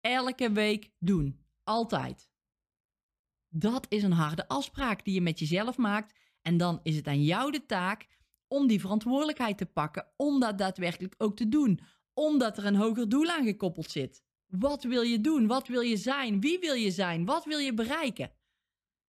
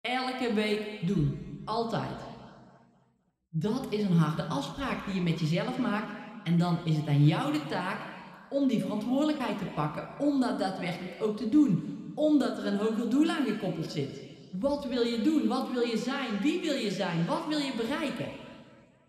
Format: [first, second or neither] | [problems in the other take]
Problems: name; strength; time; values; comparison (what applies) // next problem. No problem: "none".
first | room echo; slight; dies away in 1.9 s